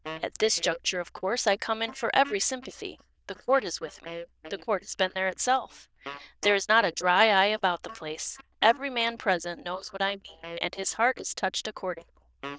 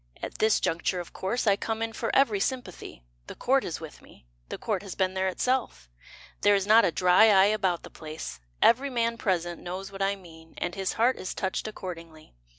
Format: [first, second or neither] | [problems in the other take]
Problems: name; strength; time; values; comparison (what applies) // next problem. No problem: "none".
second | noise reduction (neural diffusion model UNIVERSE++)